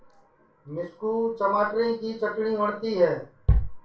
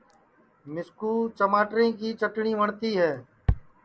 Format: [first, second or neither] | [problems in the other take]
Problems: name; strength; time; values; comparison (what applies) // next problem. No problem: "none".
second | room echo; dies away in 0.3 s